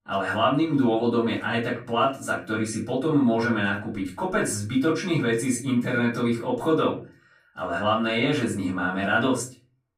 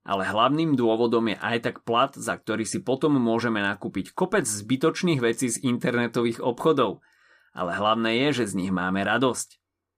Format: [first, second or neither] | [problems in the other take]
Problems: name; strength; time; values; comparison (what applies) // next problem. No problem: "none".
second | room echo; slight; dies away in 0.3 s // off-mic speech; far